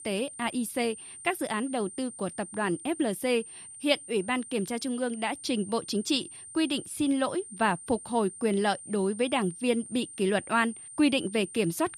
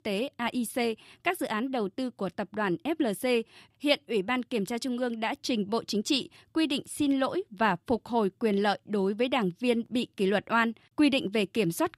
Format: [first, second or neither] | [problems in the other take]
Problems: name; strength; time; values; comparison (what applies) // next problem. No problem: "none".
second | high-pitched whine; noticeable; throughout; 9 kHz, 15 dB below the speech